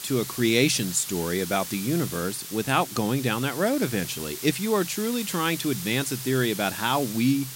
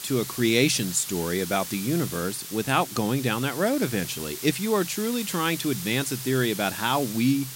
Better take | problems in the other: neither | hiss; loud; throughout; 9 dB below the speech; the same in both

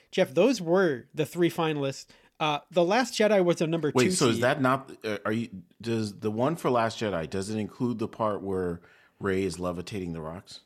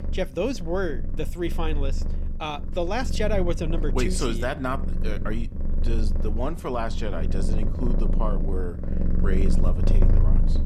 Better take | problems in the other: first | animal sounds; very loud; throughout; 2 dB above the speech

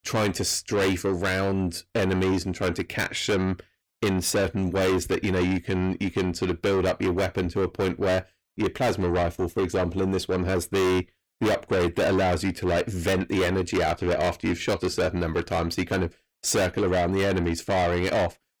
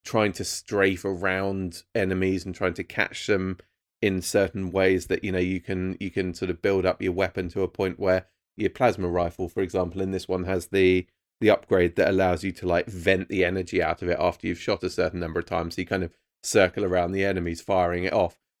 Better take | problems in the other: second | distortion; heavy; 6 dB below the speech

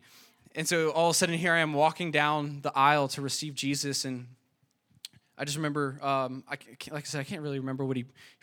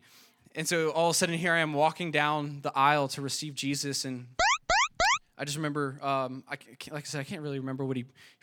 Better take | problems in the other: first | alarm; loud; at 4.5 s; peak 5 dB above the speech

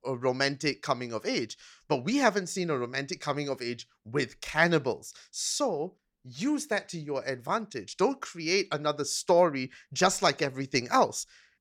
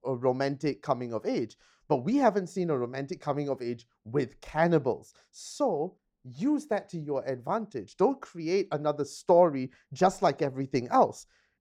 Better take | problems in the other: first | muffled; slightly; fading above 1.5 kHz

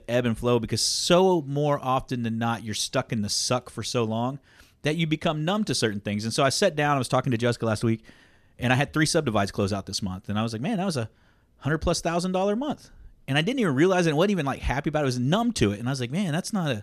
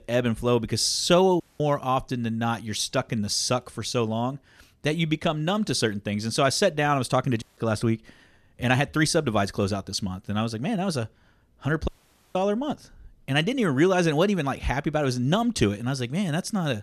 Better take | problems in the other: first | audio cutting out; at 1.5 s, at 7.5 s and at 12 s

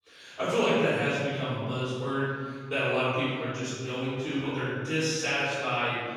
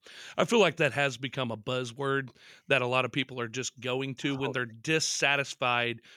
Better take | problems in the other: second | off-mic speech; far // room echo; strong; dies away in 1.9 s

